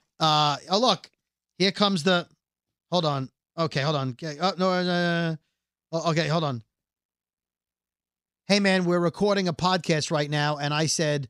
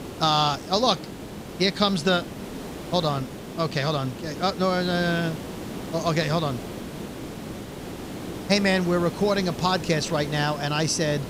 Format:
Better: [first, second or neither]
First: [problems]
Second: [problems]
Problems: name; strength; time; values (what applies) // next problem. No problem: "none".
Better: first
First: none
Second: hiss; noticeable; throughout; 10 dB below the speech